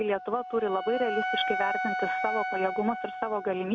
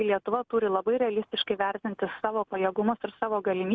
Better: second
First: background sound (Wind instrument, woodwind instrument); 3 dB below the speech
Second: none

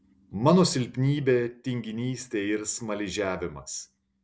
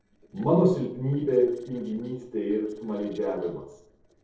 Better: first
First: none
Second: noise reduction (neural separator model SepFormer DNS4)

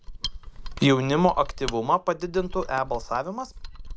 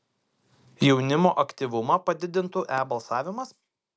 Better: second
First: background sound (Mechanisms); 11 dB below the speech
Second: none

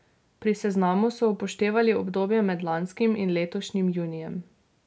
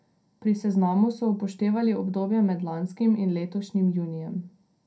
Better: first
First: none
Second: room echo; dies away in 0.2 s

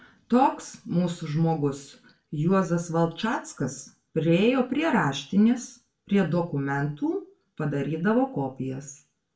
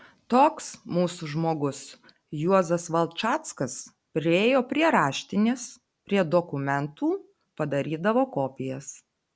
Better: second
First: room echo; dies away in 0.3 s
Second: none

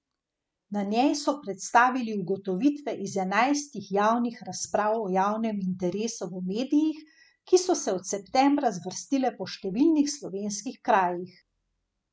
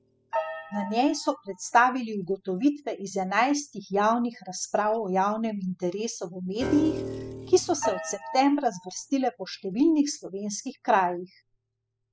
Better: first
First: none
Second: noise reduction (classical method spectral subtraction)

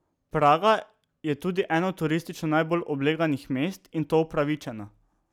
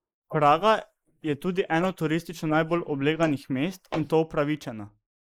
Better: first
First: none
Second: noise reduction (neural mask model Resemble Enhance denoiser)

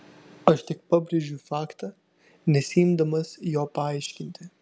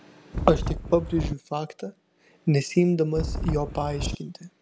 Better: first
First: none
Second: background sound (Wind); 3 dB below the speech

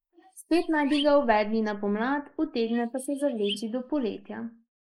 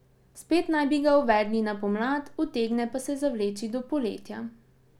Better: second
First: noise reduction (neural mask model Resemble Enhance denoiser)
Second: none

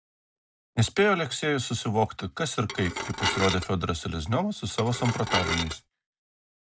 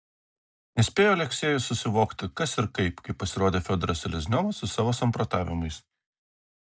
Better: second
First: background sound (Dishes, pots, and pans / Glass); 3 dB below the speech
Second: none

